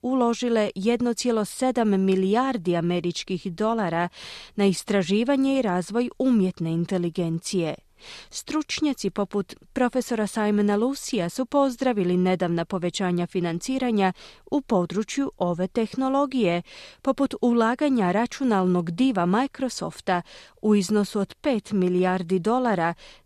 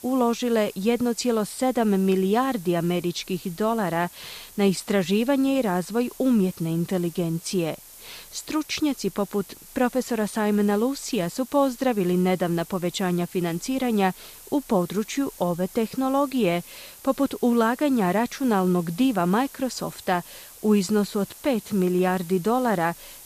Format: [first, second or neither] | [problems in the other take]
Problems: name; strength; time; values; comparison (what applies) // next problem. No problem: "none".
first | hiss; noticeable; throughout; 20 dB below the speech